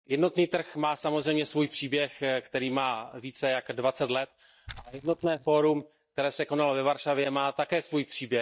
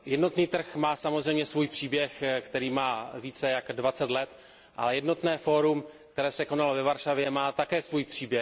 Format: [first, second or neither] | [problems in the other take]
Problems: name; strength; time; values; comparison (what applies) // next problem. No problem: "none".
second | noise reduction (neural mask model DeepFilterNet 3)